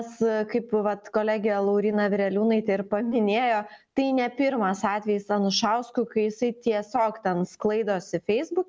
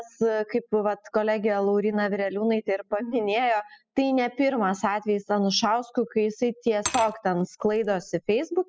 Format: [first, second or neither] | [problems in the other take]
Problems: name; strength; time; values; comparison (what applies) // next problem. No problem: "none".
first | noise reduction (classical method spectral subtraction)